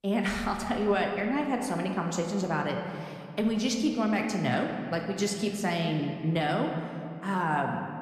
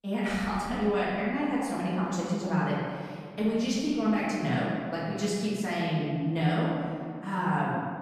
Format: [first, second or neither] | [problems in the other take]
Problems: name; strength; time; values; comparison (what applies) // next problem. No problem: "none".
first | room echo; strong; dies away in 2.1 s; slight in the first // off-mic speech; far